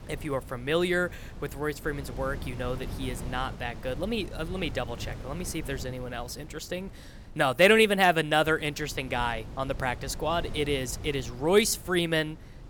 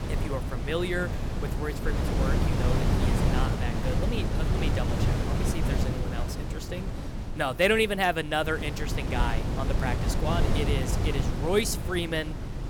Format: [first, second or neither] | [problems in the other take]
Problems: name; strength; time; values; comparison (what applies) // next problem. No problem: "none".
first | wind noise on the microphone; heavy; 5 dB below the speech; occasional gusts in the first